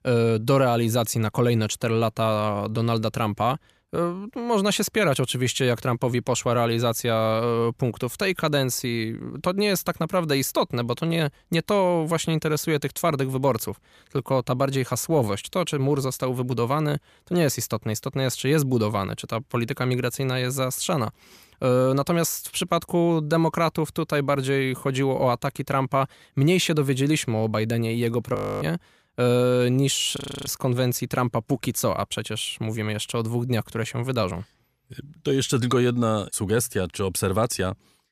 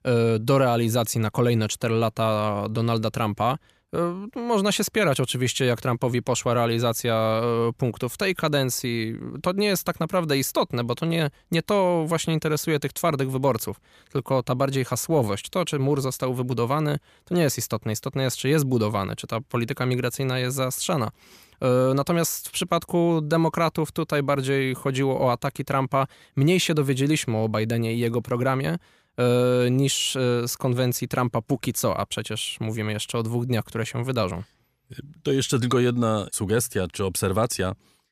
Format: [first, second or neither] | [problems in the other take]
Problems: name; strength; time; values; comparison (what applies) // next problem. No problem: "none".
second | audio freezing; at 28 s and at 30 s